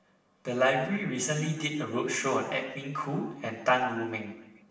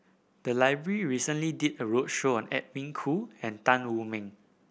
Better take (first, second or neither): second